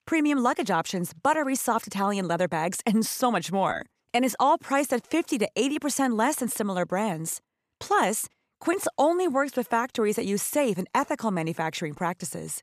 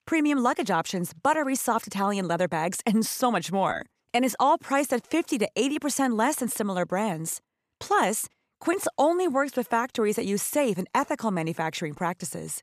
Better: neither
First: none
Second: none

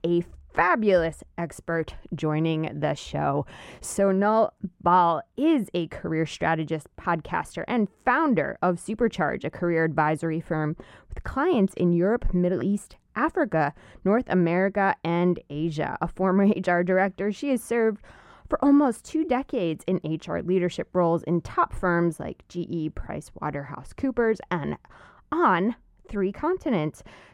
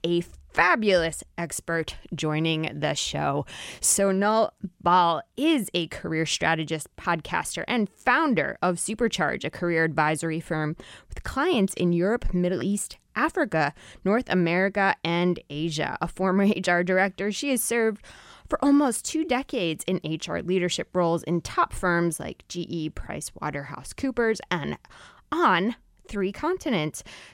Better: second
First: muffled; slightly; fading above 2 kHz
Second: none

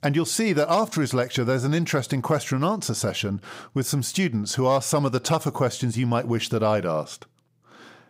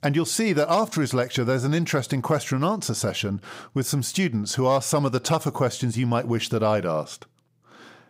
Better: neither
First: none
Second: none

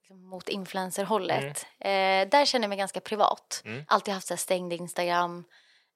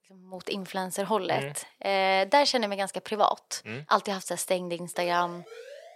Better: first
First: none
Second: siren; faint; from 5 s on; peak 15 dB below the speech

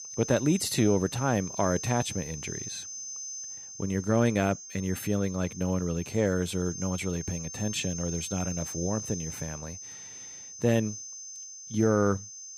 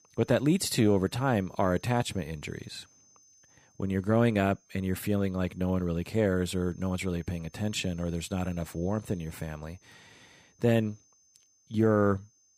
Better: second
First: high-pitched whine; loud; throughout; 6 kHz, 9 dB below the speech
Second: high-pitched whine; faint; throughout; 6 kHz, 30 dB below the speech

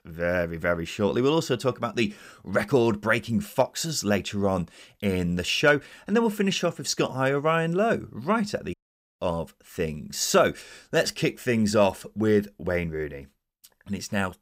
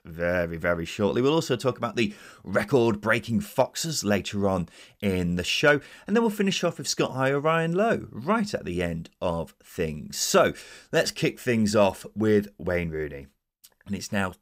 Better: second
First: audio cutting out; at 8.5 s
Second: none

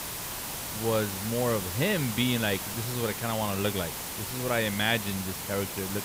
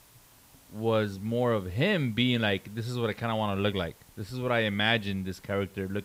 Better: second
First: hiss; loud; throughout; 4 dB below the speech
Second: hiss; faint; throughout; 25 dB below the speech

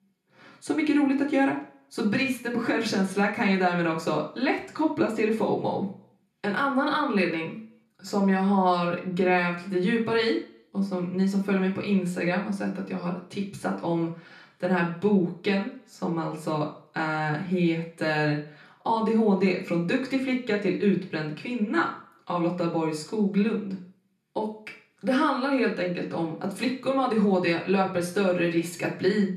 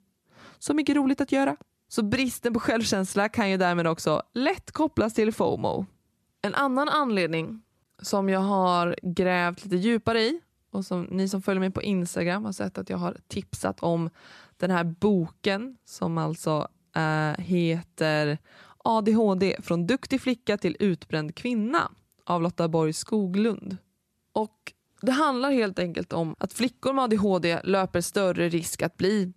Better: second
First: room echo; slight; dies away in 0.4 s // off-mic speech; far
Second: none

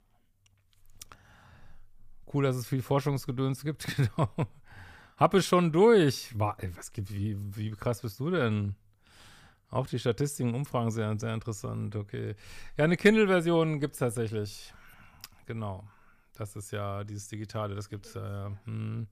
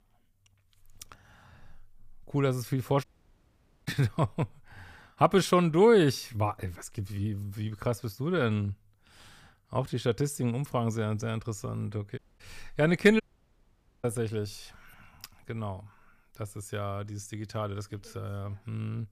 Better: first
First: none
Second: audio cutting out; at 3 s for 1 s, at 12 s and at 13 s for 1 s

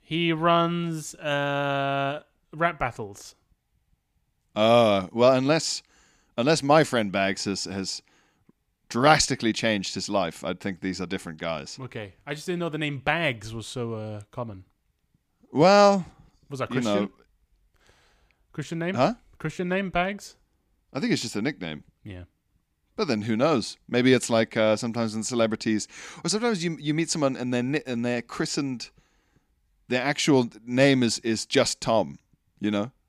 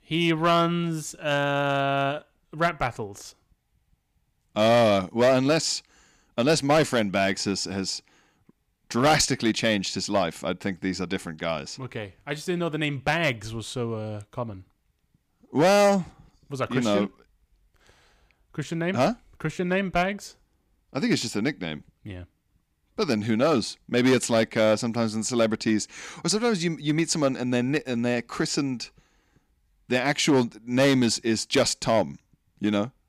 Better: first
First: none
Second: distortion; slight; 3% of the sound clipped

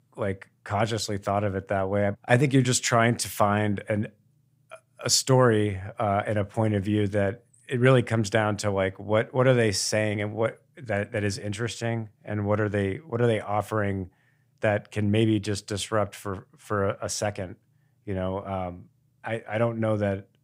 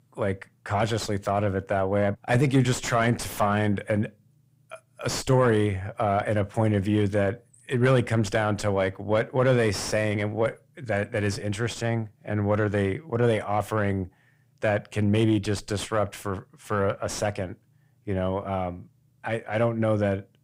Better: first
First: none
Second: distortion; slight; 10 dB below the speech

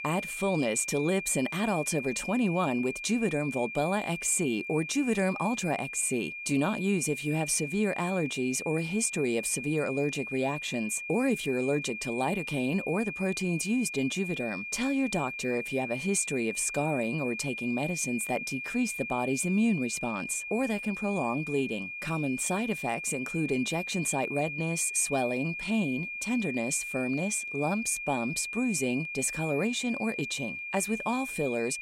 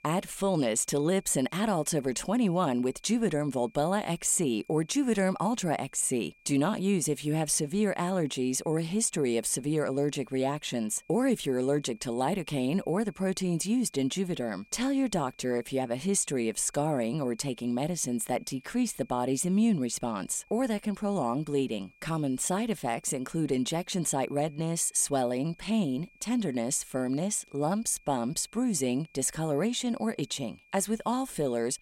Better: second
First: high-pitched whine; loud; throughout; 2.5 kHz, 6 dB below the speech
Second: high-pitched whine; faint; throughout; 2.5 kHz, 30 dB below the speech

